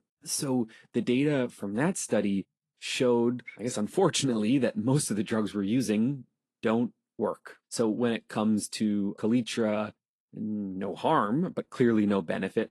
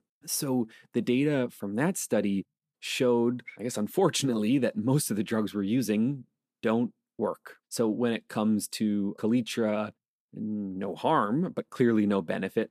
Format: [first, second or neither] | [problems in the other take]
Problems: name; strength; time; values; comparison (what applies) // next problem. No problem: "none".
second | garbled, watery; slightly; nothing above 11.5 kHz